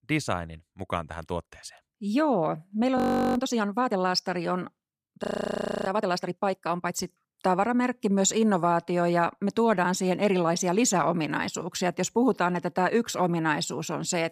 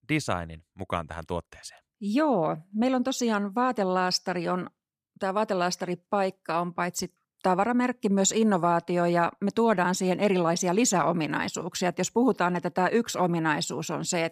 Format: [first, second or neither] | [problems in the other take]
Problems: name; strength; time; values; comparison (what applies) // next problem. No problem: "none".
second | audio freezing; at 3 s and at 5 s for 0.5 s